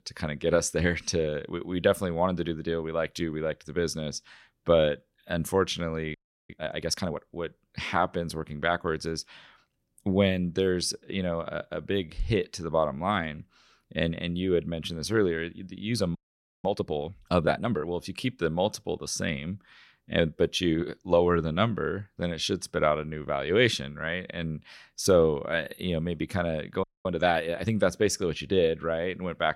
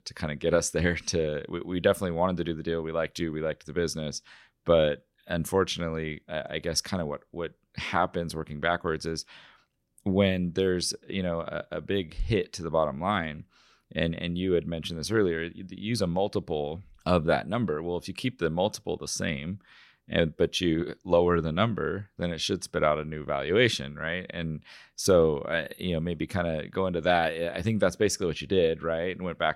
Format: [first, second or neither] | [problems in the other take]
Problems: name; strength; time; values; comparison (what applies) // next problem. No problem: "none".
second | audio freezing; at 6 s, at 16 s and at 27 s